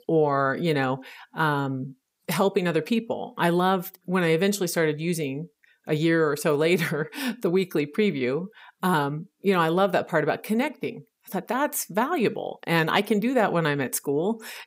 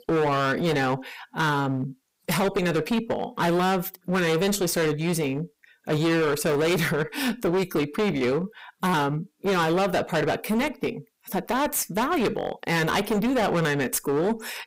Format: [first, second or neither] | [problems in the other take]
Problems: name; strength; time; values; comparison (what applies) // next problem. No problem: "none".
first | distortion; heavy; 23% of the sound clipped